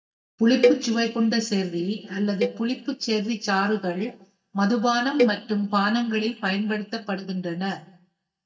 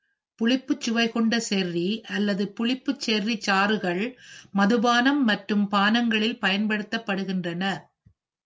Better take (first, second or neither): second